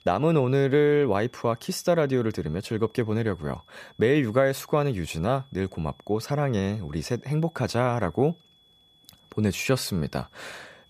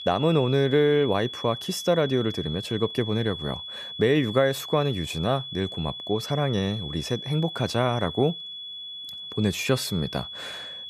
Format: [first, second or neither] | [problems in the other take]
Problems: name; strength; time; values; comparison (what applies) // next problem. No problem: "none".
first | high-pitched whine; loud; throughout; 3.5 kHz, 9 dB below the speech; faint in the first